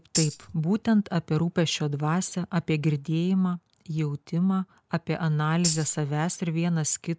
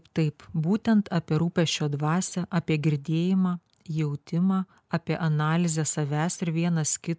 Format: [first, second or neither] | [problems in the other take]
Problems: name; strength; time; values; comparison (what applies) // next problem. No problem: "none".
second | background sound (Tambourine); 6 dB below the speech